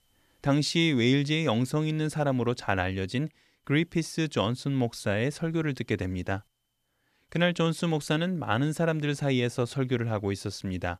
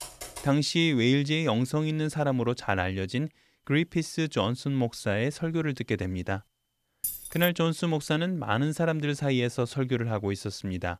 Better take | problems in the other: first | keyboard typing; faint; at the start; peak 10 dB below the speech // jangling keys; noticeable; at 7 s; peak 5 dB below the speech

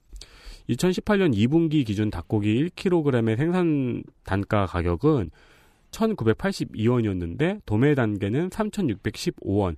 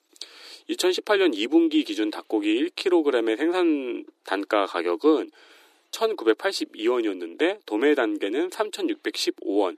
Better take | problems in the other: first | thin; somewhat; fading below 300 Hz

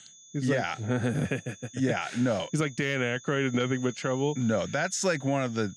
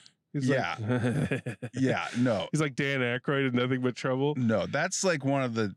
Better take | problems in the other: second | high-pitched whine; noticeable; throughout; 6.5 kHz, 20 dB below the speech

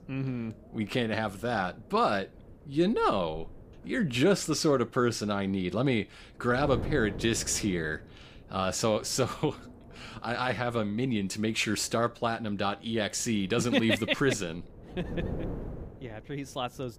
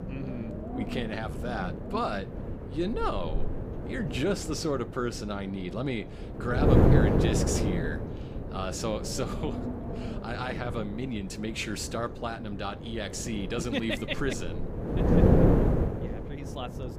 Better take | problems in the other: first | wind noise on the microphone; heavy; 1 dB below the speech; occasional gusts in the first

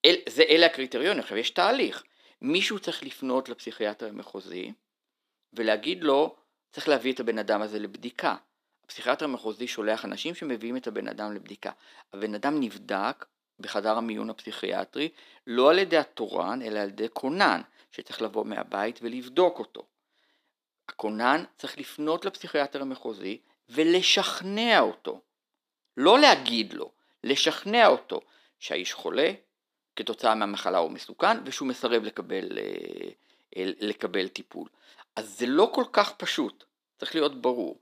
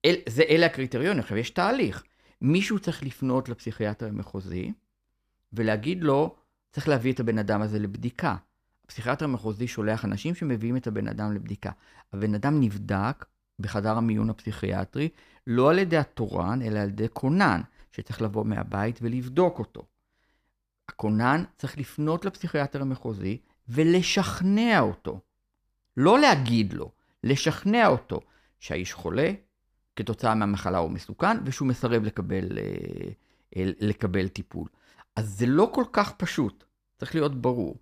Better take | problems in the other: second | thin; somewhat; fading below 300 Hz

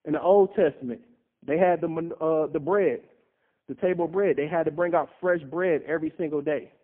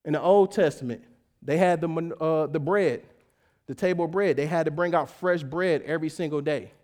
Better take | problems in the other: second | phone-call audio; poor line

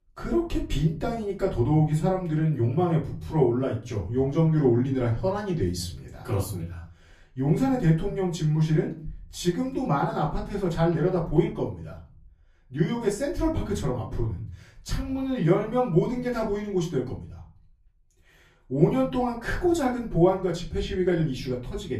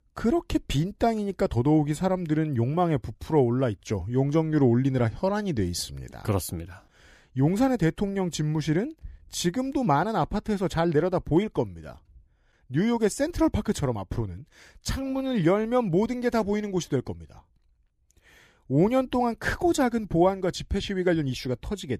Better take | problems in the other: second | off-mic speech; far // room echo; slight; dies away in 0.4 s

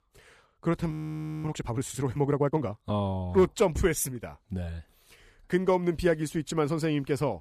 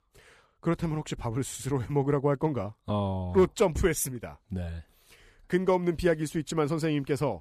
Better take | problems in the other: second | audio freezing; at 1 s for 0.5 s

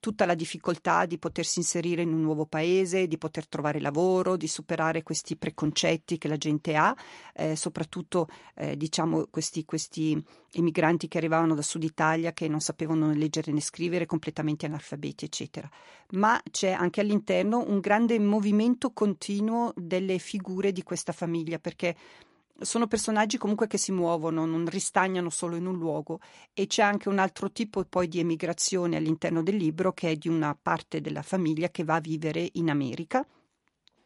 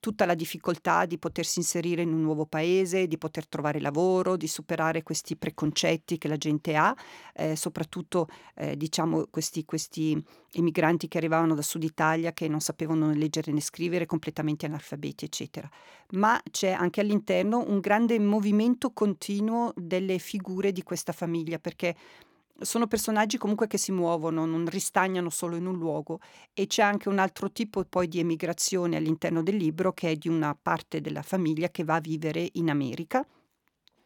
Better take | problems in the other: second | garbled, watery; slightly; nothing above 11 kHz

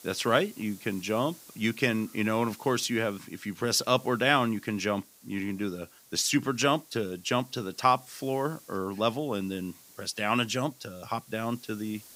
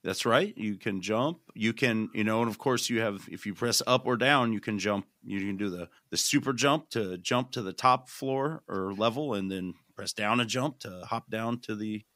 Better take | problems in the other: second | hiss; faint; throughout; 20 dB below the speech

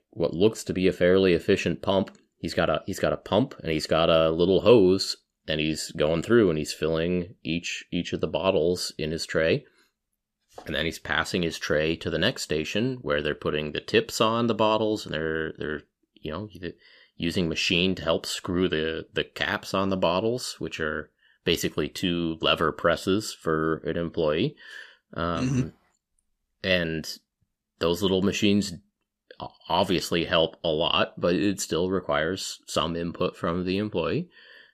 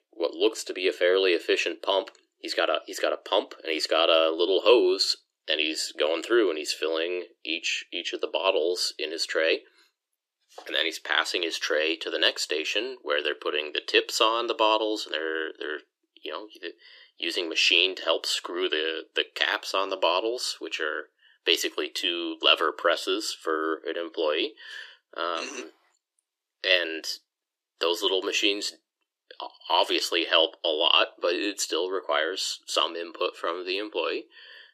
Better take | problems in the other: first | thin; very; fading below 350 Hz

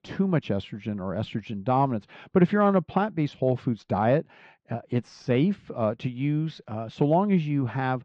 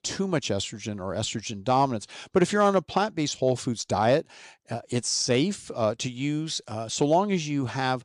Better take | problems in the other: second | muffled; very; fading above 2.5 kHz

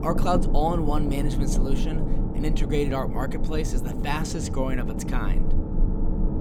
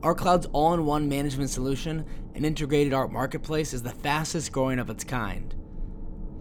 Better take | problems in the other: second | low rumble; loud; throughout; 6 dB below the speech; faint in the second

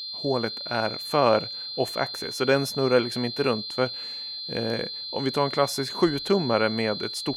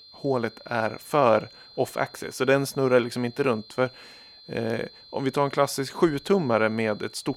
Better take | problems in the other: second | high-pitched whine; loud; throughout; 4 kHz, 6 dB below the speech; faint in the second

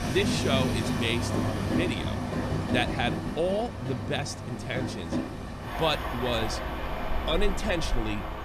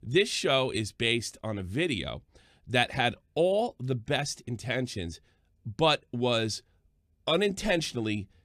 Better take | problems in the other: second | train or aircraft noise; loud; throughout; 1 dB below the speech

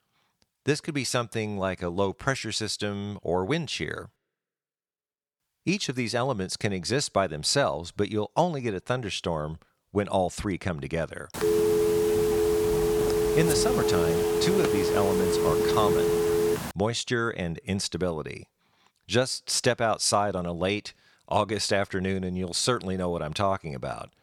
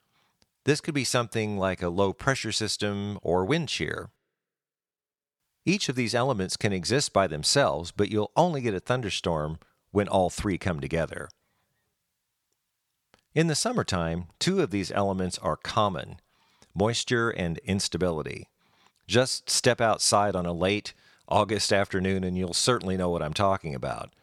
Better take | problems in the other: second | phone ringing; loud; from 11 to 17 s; peak 5 dB above the speech

